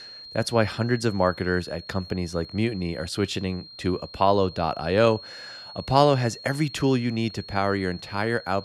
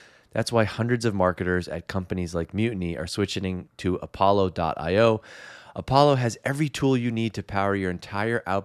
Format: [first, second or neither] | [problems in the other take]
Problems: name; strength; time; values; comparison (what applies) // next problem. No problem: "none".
second | high-pitched whine; noticeable; throughout; 4.5 kHz, 15 dB below the speech